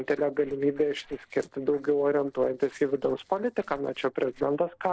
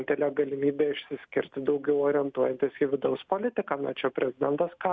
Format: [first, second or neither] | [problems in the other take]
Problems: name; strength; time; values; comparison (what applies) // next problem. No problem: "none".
second | noise reduction (neural separator model SepFormer DNS4)